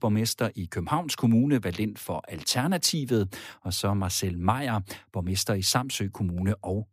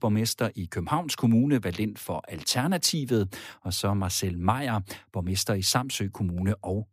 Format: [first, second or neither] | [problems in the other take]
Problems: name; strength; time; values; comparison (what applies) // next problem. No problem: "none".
neither | none